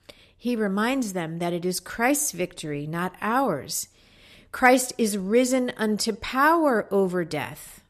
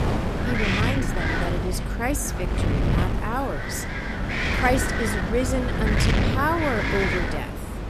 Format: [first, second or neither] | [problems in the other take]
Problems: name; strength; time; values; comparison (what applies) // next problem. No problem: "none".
first | wind noise on the microphone; heavy; 1 dB above the speech